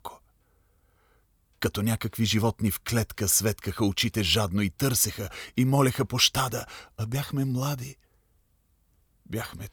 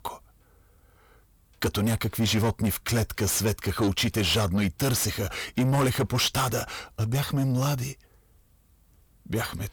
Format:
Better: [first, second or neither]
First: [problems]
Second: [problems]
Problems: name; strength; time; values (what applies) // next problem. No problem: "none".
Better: first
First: none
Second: distortion; heavy; 7 dB below the speech